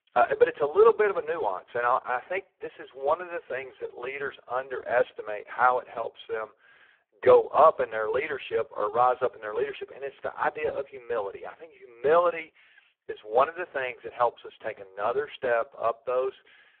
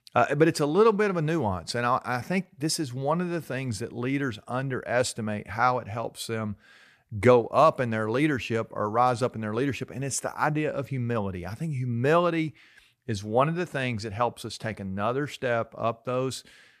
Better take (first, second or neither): second